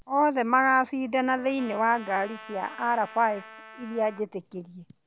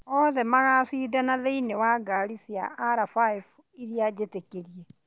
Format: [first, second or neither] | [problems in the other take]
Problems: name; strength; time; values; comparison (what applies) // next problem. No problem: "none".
second | background sound (Trumpet); 19 dB below the speech